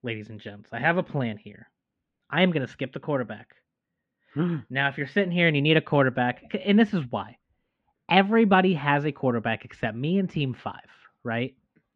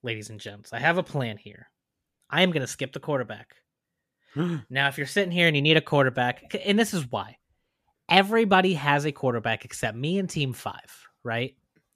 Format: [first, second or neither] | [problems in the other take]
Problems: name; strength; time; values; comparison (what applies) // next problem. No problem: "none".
second | muffled; slightly; fading above 3 kHz